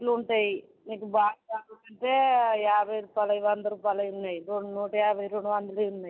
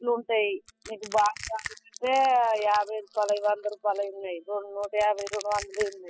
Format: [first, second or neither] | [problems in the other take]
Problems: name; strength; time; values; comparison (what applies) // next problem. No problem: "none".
first | noise reduction (classical method spectral subtraction)